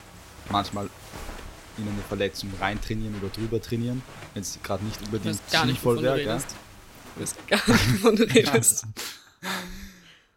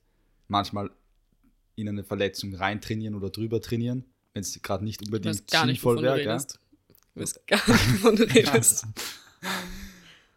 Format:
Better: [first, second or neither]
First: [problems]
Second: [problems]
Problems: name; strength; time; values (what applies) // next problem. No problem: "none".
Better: second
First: footsteps; faint; until 7.5 s; peak 15 dB below the speech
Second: none